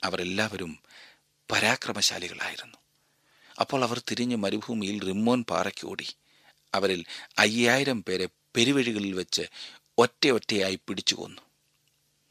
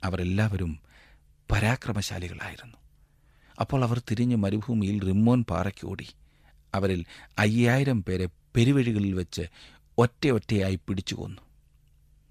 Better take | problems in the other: second | thin; somewhat; fading below 300 Hz

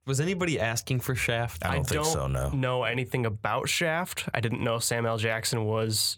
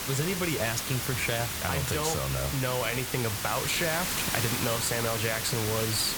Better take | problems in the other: first | hiss; loud; throughout; 1 dB below the speech

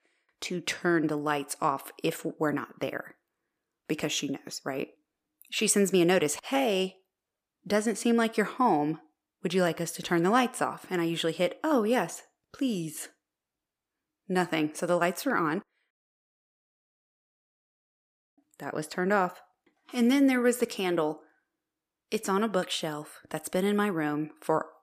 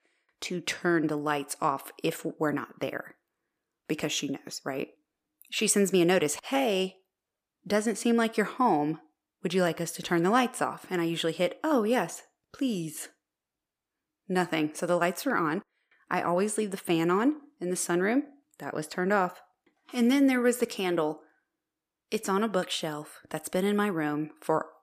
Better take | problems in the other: second | audio cutting out; at 16 s for 2.5 s

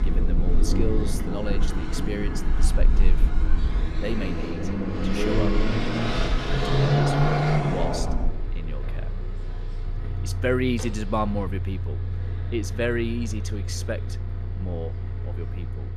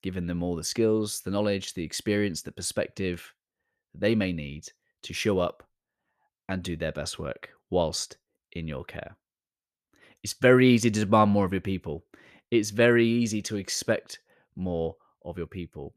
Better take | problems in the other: second | traffic noise; very loud; throughout; 4 dB above the speech

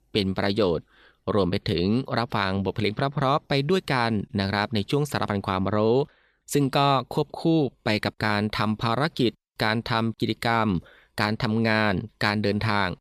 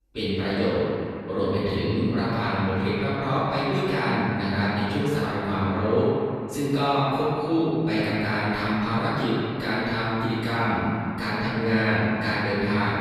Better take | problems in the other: first | off-mic speech; far // room echo; strong; dies away in 2.5 s

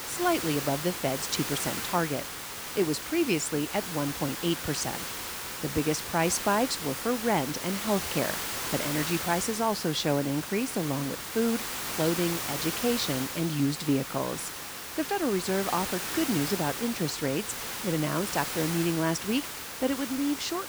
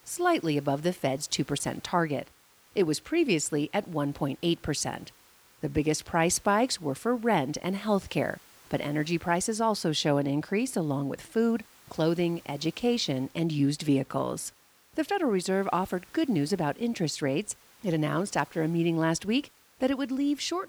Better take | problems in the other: second | hiss; loud; throughout; 4 dB below the speech; faint in the second

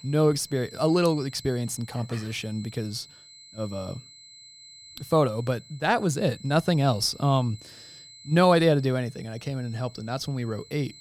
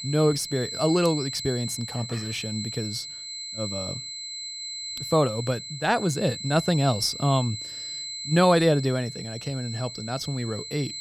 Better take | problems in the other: first | high-pitched whine; loud; throughout; 4 kHz, 7 dB below the speech; faint in the first

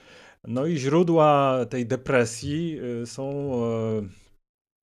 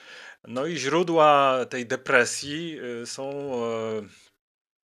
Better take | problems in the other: first | thin; somewhat; fading below 700 Hz

